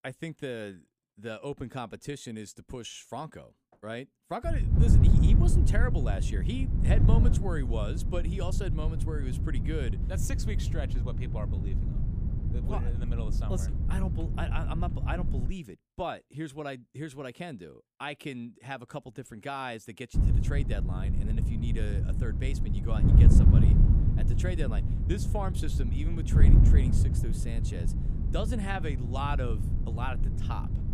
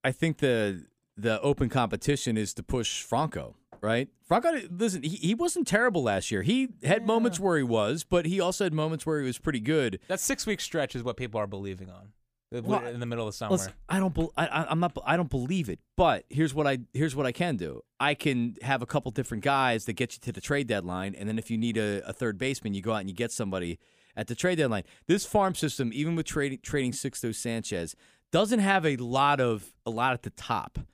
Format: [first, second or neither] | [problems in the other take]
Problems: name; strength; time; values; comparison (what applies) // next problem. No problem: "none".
second | wind noise on the microphone; heavy; from 4.5 to 16 s and from 20 s on; 2 dB below the speech